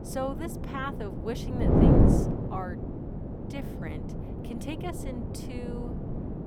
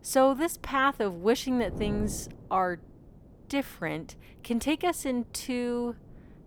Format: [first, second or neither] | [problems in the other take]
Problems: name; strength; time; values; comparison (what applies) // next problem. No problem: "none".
second | wind noise on the microphone; heavy; 4 dB above the speech; occasional gusts in the second